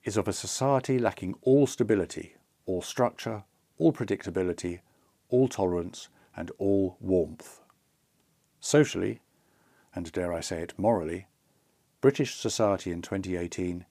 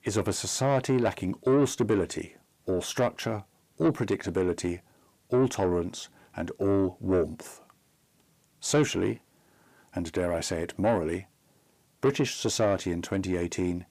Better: first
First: none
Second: distortion; slight; 10 dB below the speech

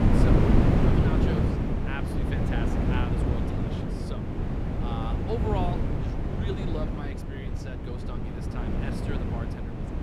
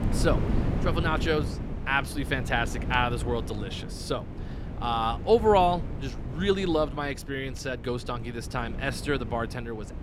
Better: second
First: wind noise on the microphone; heavy; 5 dB above the speech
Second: wind noise on the microphone; occasional gusts; 15 dB below the speech

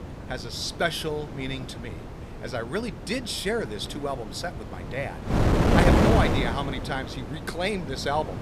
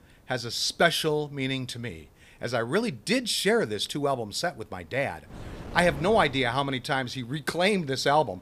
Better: second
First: wind noise on the microphone; heavy; 1 dB above the speech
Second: wind noise on the microphone; occasional gusts; 20 dB below the speech

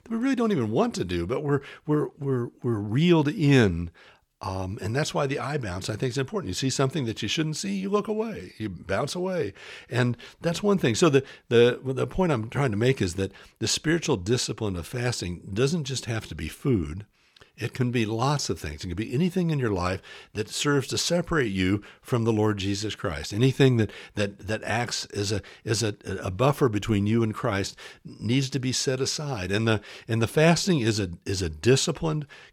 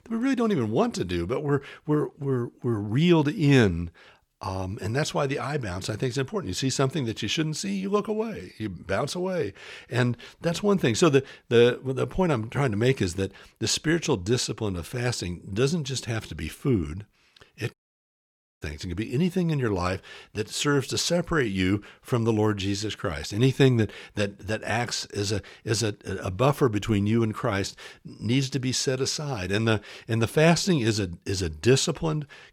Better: first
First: none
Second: audio cutting out; at 18 s for 1 s

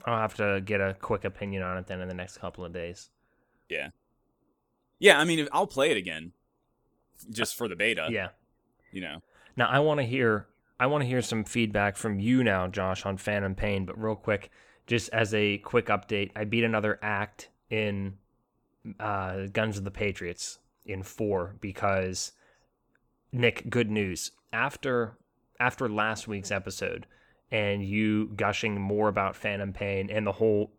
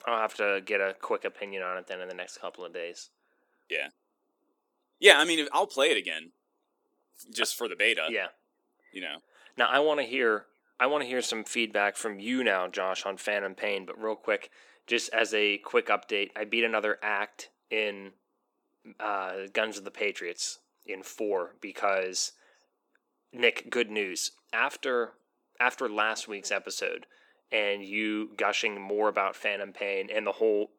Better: first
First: none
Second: thin; somewhat; fading below 300 Hz

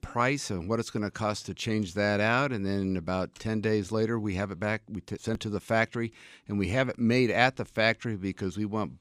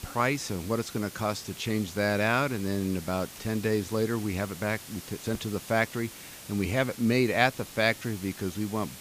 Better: first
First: none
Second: hiss; noticeable; throughout; 15 dB below the speech

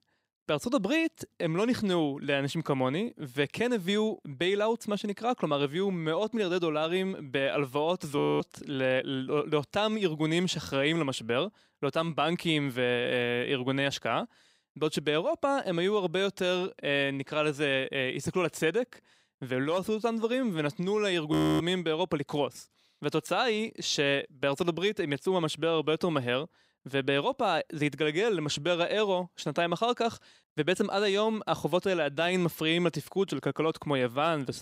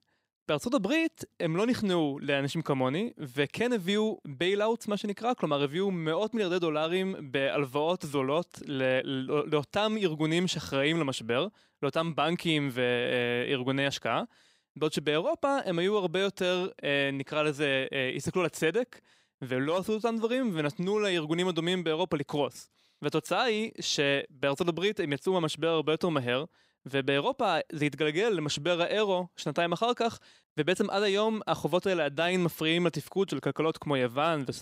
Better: second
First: audio freezing; at 8 s and at 21 s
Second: none

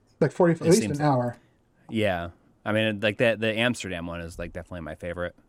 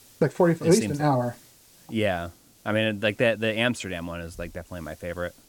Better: first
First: none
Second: hiss; faint; throughout; 30 dB below the speech

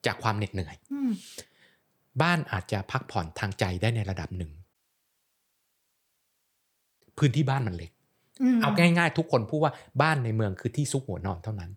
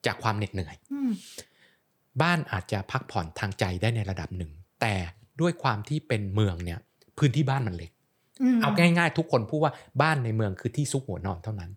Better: second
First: audio cutting out; at 4.5 s for 2.5 s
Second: none

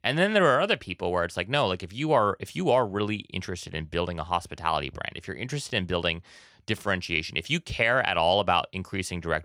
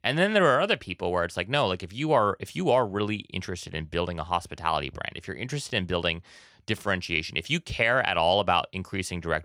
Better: neither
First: none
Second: none

